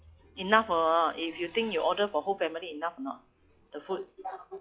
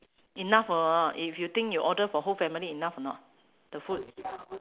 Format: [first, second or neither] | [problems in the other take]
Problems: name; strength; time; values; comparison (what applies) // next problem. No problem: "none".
second | noise reduction (classical method log-MMSE)